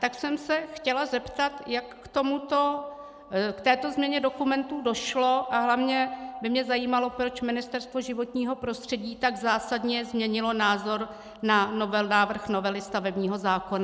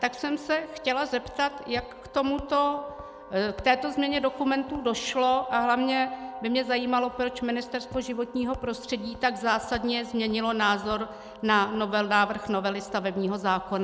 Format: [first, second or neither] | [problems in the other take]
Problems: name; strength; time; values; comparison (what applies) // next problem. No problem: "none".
first | background sound (Wind instrument, woodwind instrument + Walk, footsteps); 19 dB below the speech